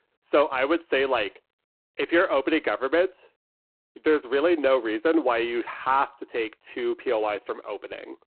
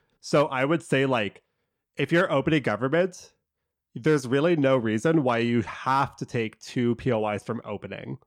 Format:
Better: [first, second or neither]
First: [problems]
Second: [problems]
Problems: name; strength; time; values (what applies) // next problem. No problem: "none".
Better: second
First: phone-call audio; poor line; nothing above 4 kHz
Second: none